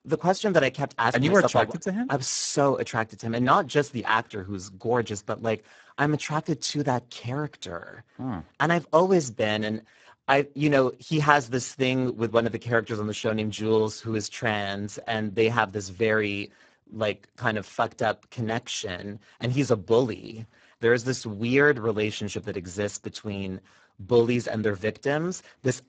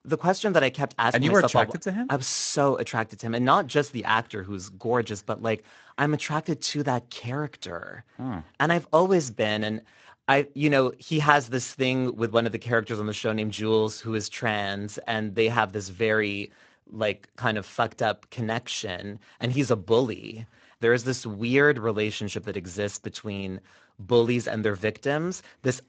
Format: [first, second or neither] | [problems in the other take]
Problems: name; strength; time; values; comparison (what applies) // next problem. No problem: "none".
second | garbled, watery; badly; nothing above 7.5 kHz; slightly in the second